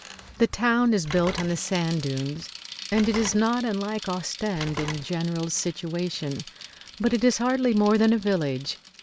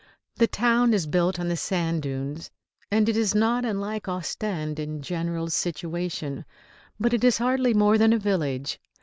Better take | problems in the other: second | background sound (Bicycle + Telephone); 15 dB below the speech

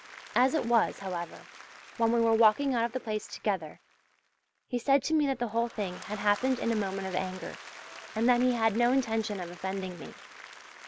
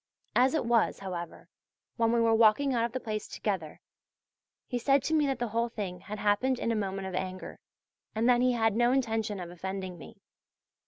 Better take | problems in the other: second | background sound (Applause / Crowd); 18 dB below the speech

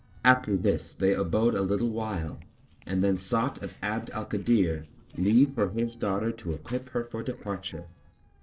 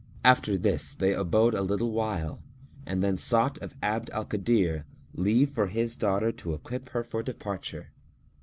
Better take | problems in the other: second | noise reduction (neural separator model SepFormer DNS4)

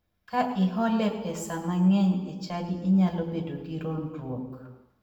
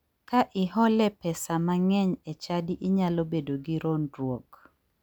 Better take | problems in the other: second | room echo; dies away in 1.1 s

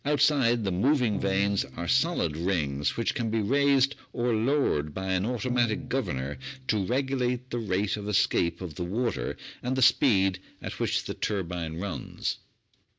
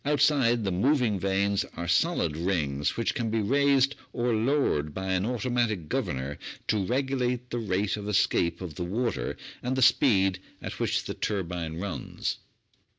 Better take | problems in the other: second | background sound (Bowed string instrument); 16 dB below the speech

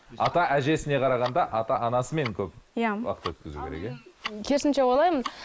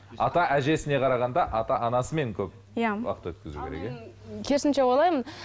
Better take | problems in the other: second | noise reduction (neural mask model Resemble Enhance denoiser)

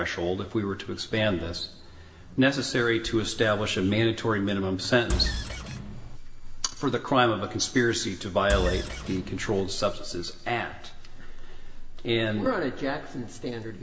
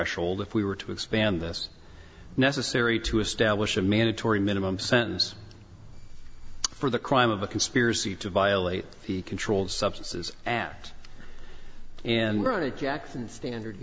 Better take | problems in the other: second | background sound (Engine); 3 dB below the speech // room echo; dies away in 0.9 s

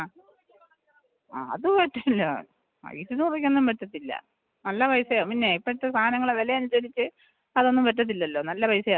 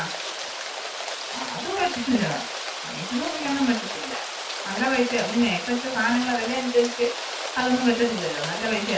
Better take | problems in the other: first | background sound (Rain); 6 dB below the speech // room echo; dies away in 0.3 s

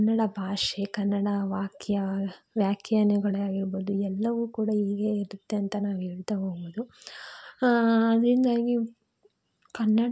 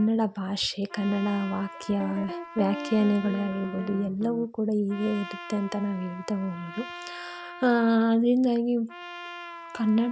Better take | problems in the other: first | background sound (Guitar + Trumpet); 13 dB below the speech

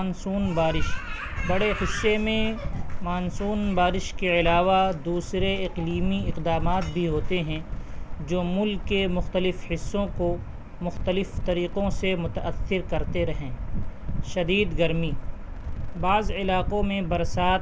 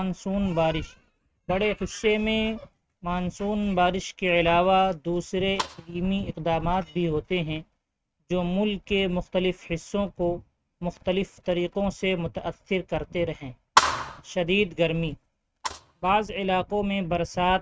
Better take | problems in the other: first | noise reduction (neural mask model RNNoise)

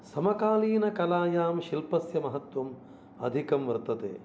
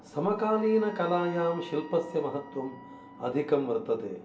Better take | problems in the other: first | background sound (Wind instrument, woodwind instrument); 19 dB below the speech // room echo; dies away in 0.3 s

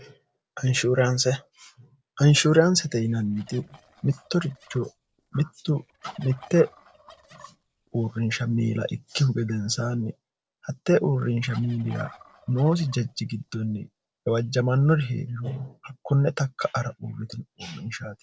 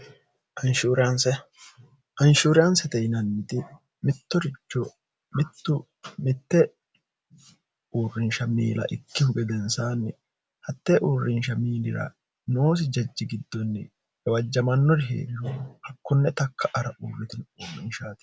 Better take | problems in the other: second | noise reduction (neural separator model SepFormer DNS4)

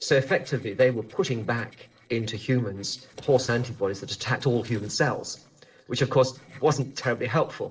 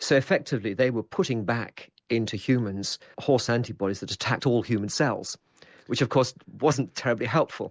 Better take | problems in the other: second | noise reduction (neural separator model SepFormer DNS4)

